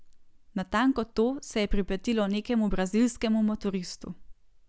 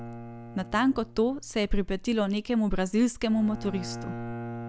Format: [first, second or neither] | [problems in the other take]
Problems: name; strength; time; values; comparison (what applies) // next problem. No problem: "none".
first | background sound (Bowed string instrument); 13 dB below the speech